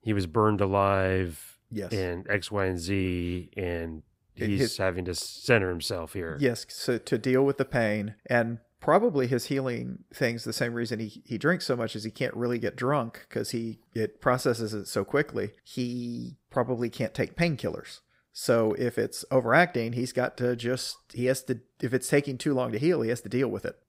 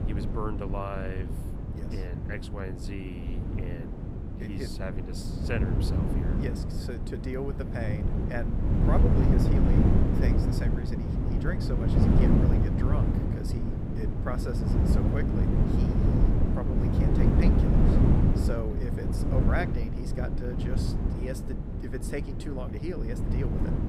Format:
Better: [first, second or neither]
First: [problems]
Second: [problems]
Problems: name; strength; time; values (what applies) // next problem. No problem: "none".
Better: first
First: none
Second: wind noise on the microphone; heavy; 3 dB above the speech